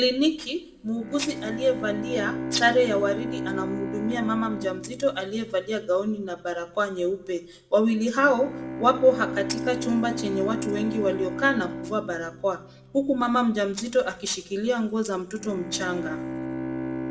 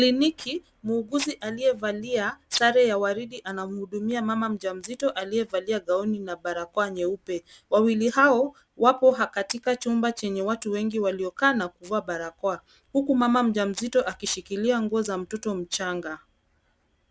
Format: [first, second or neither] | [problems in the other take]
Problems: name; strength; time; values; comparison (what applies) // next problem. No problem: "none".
second | background sound (Bowed string instrument); 8 dB below the speech // room echo; dies away in 0.5 s